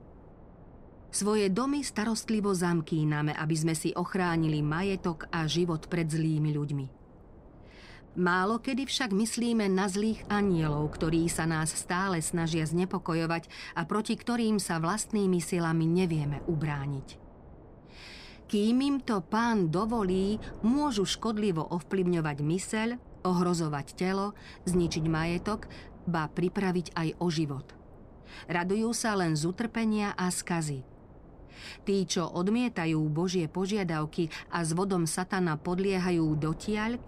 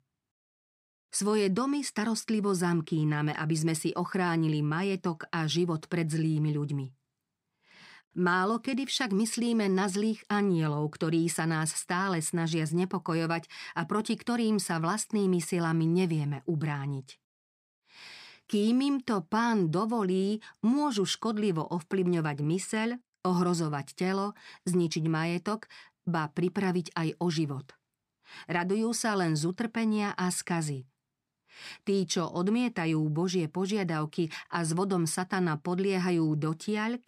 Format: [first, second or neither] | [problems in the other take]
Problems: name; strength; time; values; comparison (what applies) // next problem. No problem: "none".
second | wind noise on the microphone; occasional gusts; 20 dB below the speech